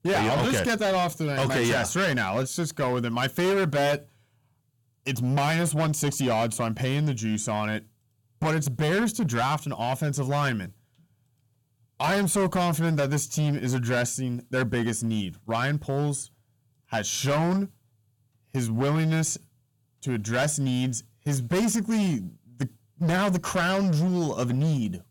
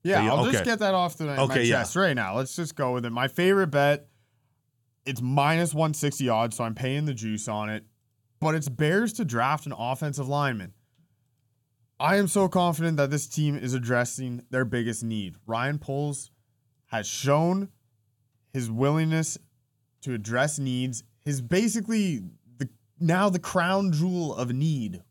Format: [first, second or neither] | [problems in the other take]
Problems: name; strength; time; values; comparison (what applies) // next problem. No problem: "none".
second | distortion; heavy; 15% of the sound clipped